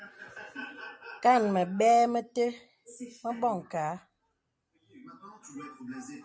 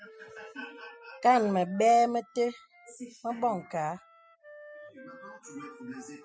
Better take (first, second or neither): first